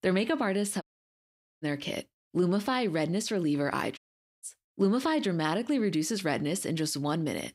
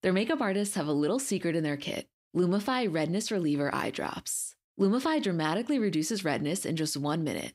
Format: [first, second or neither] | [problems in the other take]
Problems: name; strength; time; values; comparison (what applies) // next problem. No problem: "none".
second | audio cutting out; at 1 s for 1 s and at 4 s